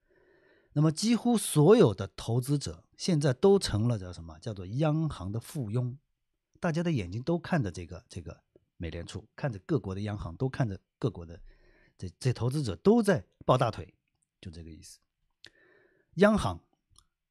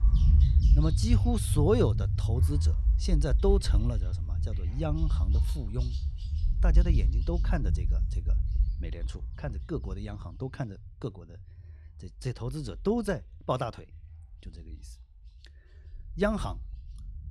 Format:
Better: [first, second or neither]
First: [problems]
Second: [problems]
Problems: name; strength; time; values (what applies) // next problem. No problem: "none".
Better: first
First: none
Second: animal sounds; very loud; throughout; 5 dB above the speech